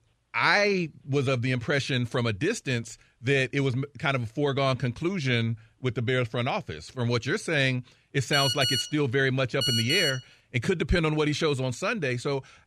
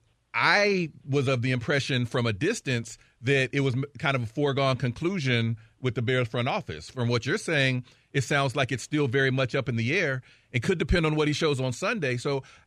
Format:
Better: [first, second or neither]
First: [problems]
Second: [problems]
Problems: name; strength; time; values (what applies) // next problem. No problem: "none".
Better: second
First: phone ringing; loud; from 8.5 to 10 s; peak 2 dB above the speech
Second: none